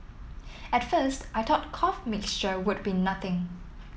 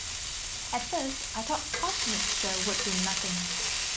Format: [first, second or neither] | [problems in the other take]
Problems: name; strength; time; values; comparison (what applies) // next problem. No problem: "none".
first | background sound (Frying (food)); 4 dB above the speech